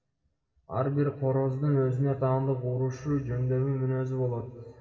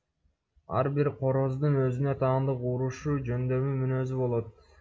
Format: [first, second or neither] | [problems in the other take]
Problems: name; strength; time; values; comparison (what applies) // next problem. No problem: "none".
second | room echo; dies away in 1.8 s